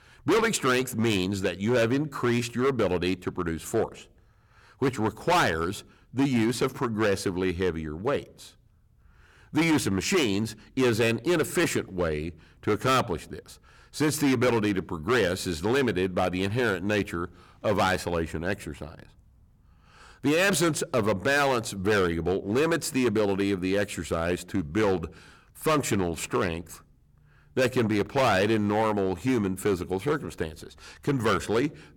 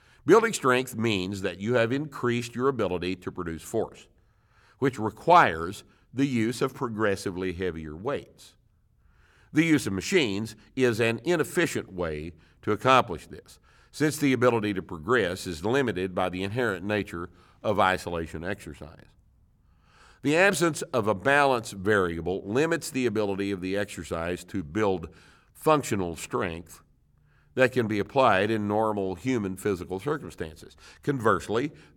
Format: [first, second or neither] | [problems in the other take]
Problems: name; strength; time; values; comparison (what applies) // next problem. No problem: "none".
second | distortion; heavy; 9% of the sound clipped